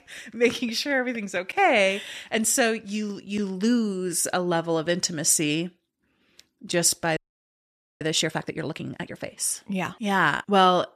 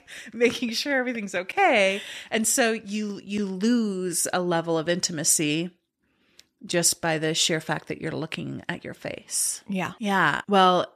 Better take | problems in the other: second | audio freezing; at 7 s for 1 s

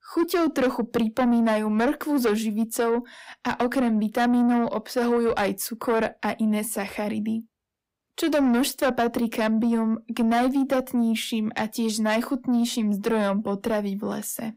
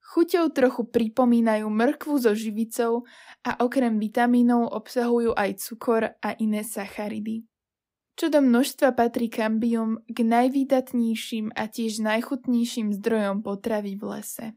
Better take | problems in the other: second | distortion; slight; 10 dB below the speech

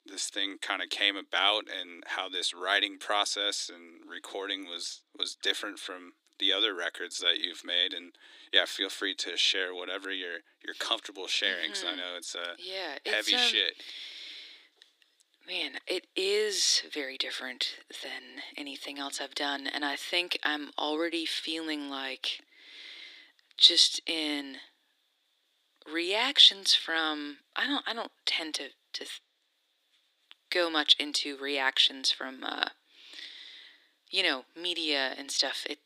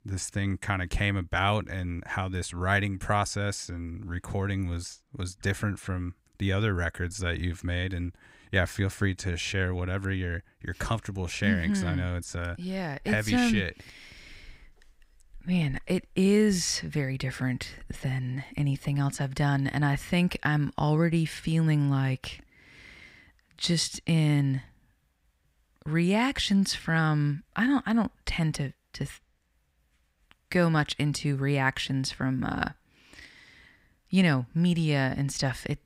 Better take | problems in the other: second | thin; very; fading below 300 Hz

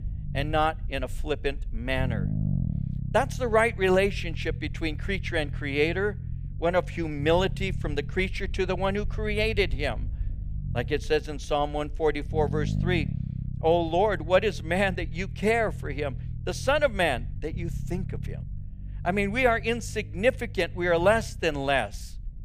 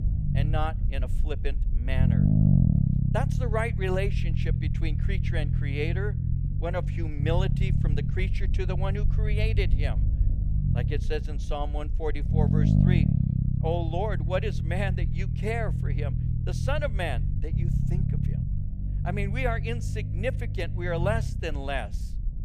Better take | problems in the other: first | low rumble; loud; throughout; 5 dB below the speech; faint in the first

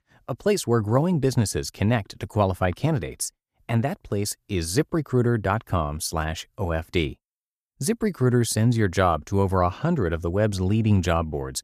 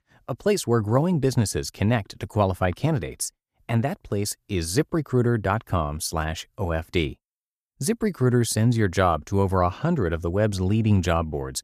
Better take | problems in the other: neither | none

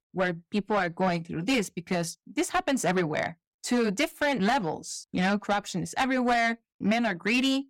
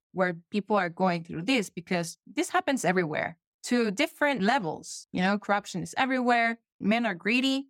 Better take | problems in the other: second | distortion; slight; 10 dB below the speech

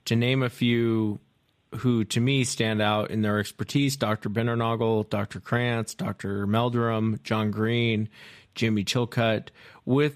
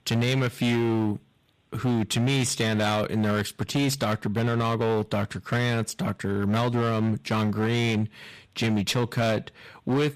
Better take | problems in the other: first | distortion; slight; 19% of the sound clipped

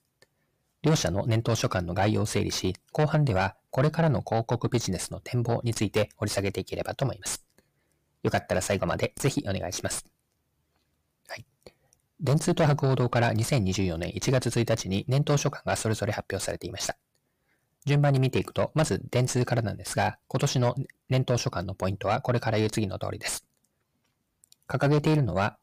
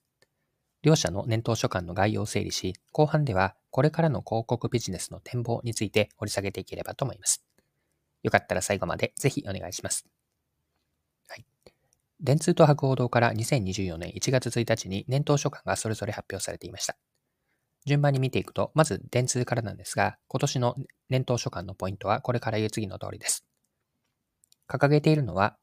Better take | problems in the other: second | distortion; heavy; 7 dB below the speech

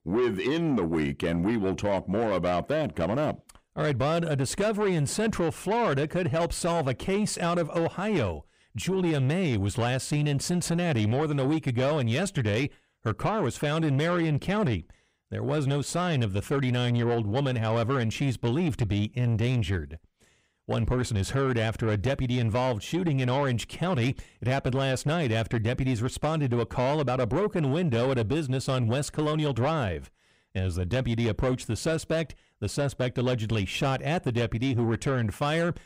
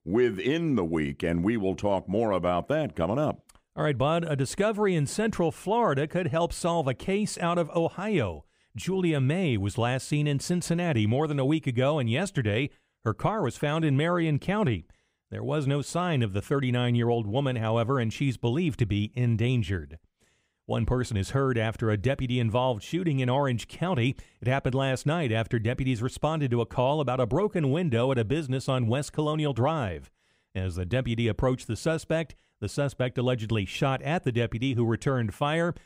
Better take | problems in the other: second | distortion; slight; 10 dB below the speech

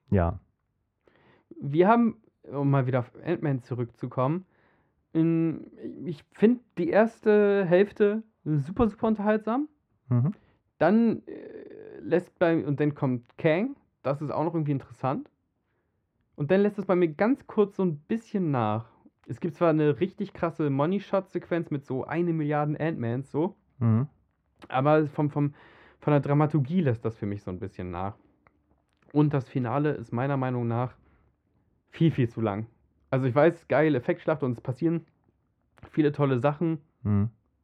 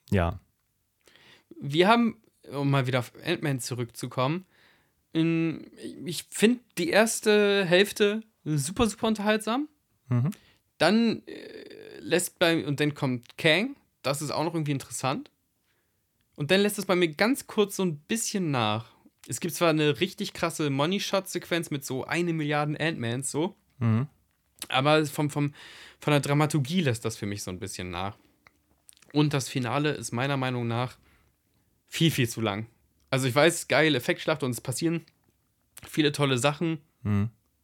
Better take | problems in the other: second | muffled; very; fading above 3.5 kHz

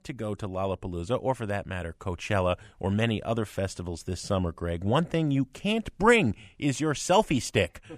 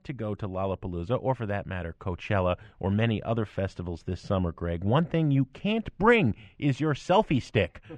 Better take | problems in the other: first | muffled; slightly; fading above 3 kHz

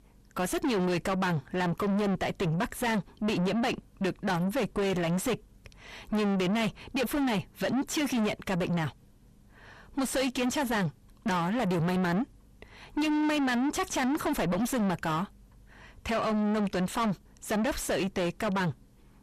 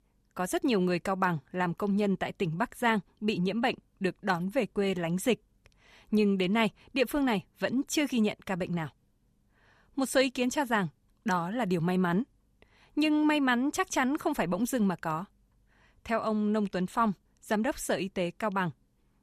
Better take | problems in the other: second | distortion; heavy; 5 dB below the speech

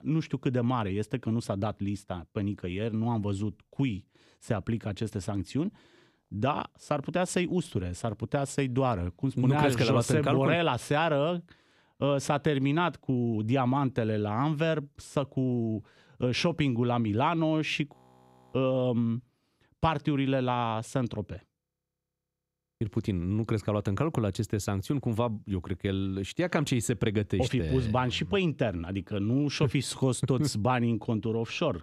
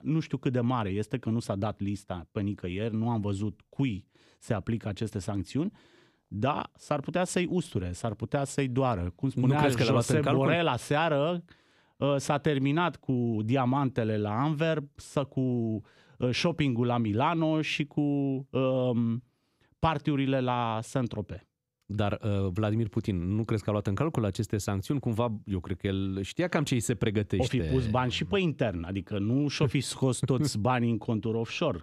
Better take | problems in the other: second | audio freezing; at 18 s for 0.5 s and at 22 s for 1 s

